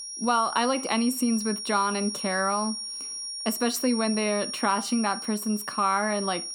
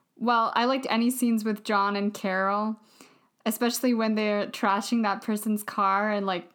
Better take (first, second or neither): second